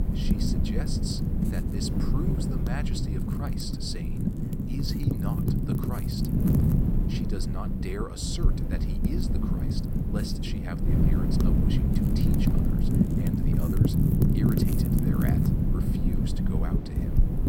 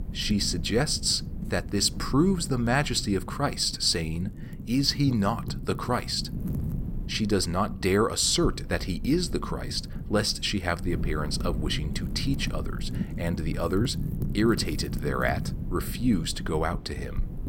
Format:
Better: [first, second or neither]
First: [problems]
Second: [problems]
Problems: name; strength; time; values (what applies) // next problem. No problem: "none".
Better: second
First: wind noise on the microphone; heavy; 5 dB above the speech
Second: wind noise on the microphone; occasional gusts; 15 dB below the speech